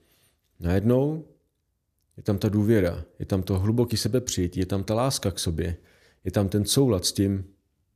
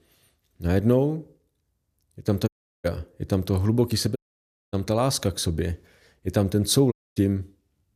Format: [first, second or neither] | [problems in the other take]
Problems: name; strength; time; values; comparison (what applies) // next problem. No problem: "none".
first | audio cutting out; at 2.5 s, at 4 s for 0.5 s and at 7 s